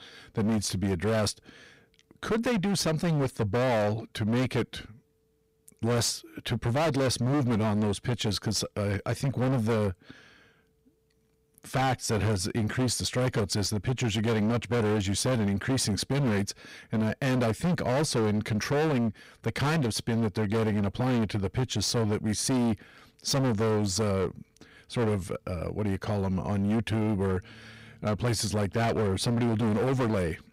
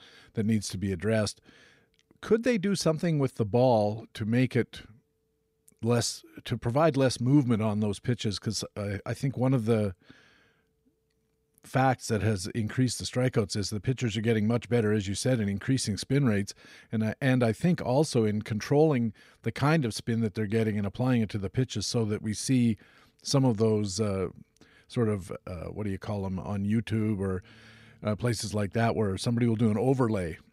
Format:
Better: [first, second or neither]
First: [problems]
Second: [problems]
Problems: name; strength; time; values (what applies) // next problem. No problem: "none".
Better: second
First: distortion; heavy; 23% of the sound clipped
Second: none